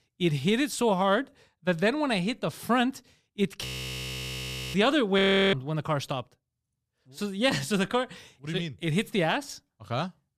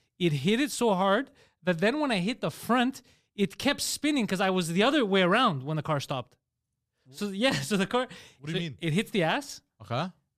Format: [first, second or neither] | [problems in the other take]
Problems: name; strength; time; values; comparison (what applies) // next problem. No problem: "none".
second | audio freezing; at 3.5 s for 1 s and at 5 s